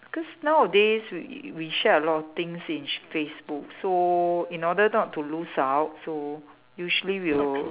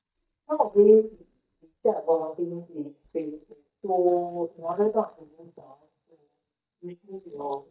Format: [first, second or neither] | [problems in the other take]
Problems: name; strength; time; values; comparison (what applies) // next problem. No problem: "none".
first | noise reduction (neural mask model DeepFilterNet 3)